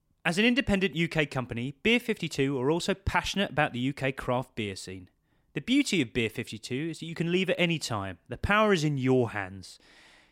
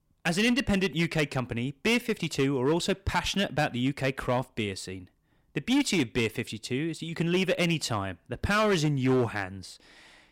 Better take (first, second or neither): first